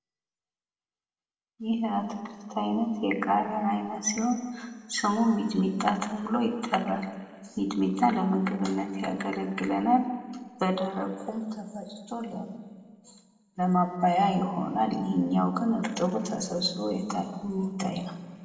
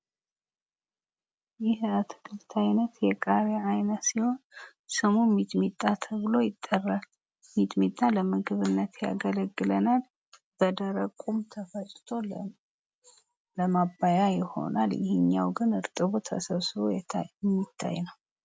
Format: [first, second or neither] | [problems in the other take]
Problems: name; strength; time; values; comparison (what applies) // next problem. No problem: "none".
second | room echo; dies away in 1.6 s